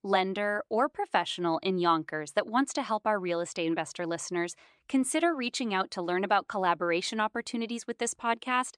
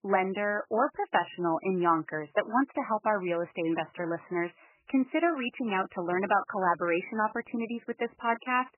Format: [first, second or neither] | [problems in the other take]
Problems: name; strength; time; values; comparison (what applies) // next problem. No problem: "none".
first | garbled, watery; badly; nothing above 3 kHz